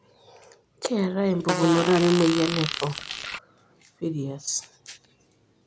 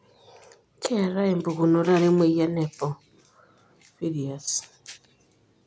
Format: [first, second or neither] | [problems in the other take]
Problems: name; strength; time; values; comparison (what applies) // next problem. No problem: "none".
second | background sound (Fart); 4 dB below the speech